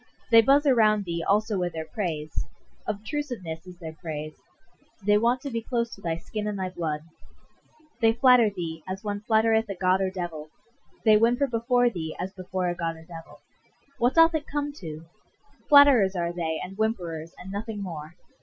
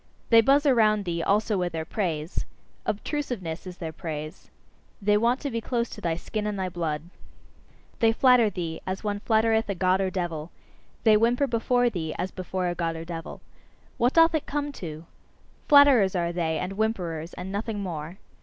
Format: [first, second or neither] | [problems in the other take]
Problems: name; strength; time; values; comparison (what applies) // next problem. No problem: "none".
second | noise reduction (classical method Wiener filter)